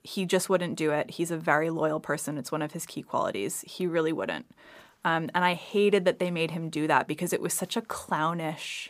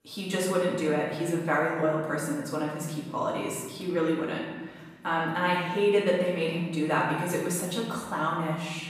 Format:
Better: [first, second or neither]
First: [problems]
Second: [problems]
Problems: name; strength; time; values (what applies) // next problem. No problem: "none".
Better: first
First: none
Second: off-mic speech; far // room echo; noticeable; dies away in 1.4 s